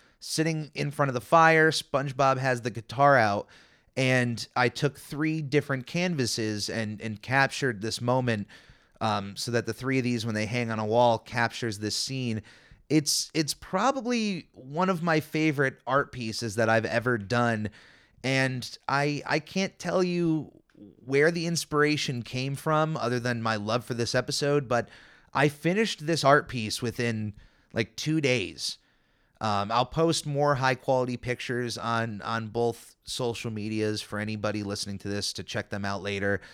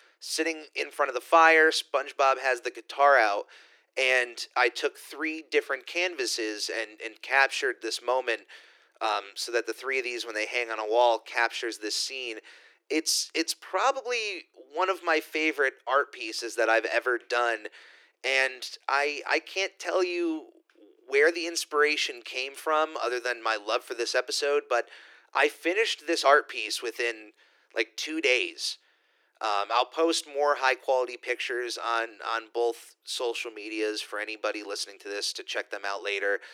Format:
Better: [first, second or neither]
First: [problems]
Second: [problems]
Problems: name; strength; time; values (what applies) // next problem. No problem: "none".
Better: first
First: none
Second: thin; very; fading below 350 Hz